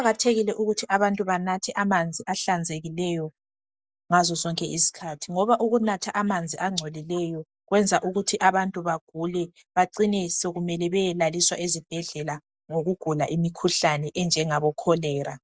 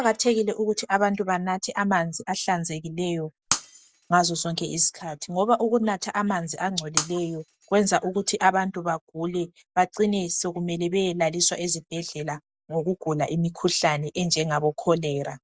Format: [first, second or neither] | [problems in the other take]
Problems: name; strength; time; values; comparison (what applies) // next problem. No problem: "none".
first | background sound (Shatter); 8 dB below the speech